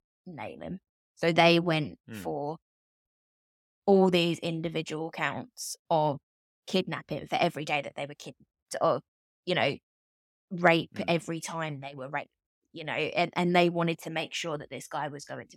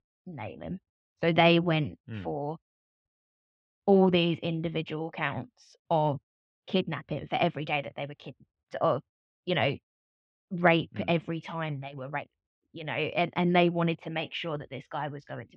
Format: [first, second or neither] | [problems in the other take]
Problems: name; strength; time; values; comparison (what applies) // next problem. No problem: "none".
first | muffled; slightly; fading above 3.5 kHz